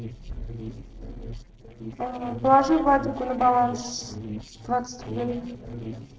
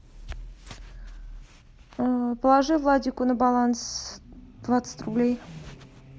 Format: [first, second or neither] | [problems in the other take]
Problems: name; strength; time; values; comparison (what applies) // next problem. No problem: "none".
second | noise reduction (neural separator model SepFormer DNS4)